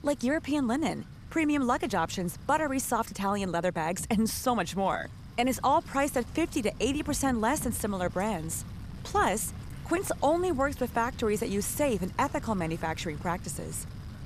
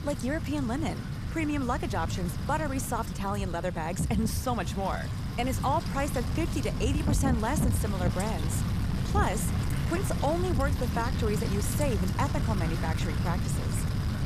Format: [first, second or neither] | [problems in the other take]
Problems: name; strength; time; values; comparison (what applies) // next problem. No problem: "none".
first | wind noise on the microphone; heavy; 7 dB below the speech; occasional gusts in the first